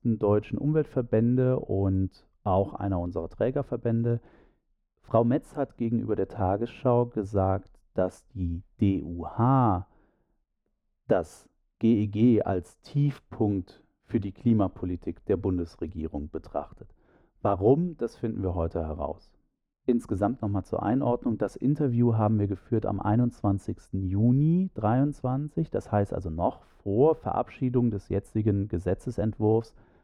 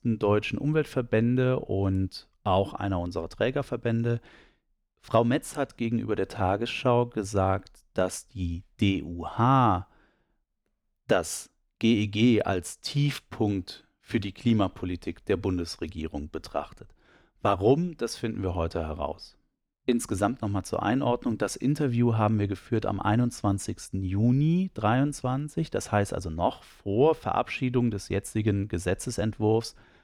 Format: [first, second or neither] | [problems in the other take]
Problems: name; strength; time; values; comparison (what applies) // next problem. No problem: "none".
second | muffled; very; fading above 1.5 kHz